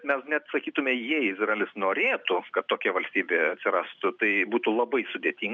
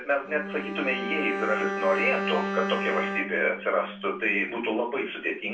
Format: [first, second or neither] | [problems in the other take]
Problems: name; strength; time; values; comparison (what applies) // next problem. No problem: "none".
first | background sound (Bowed string instrument); 5 dB below the speech // room echo; dies away in 0.3 s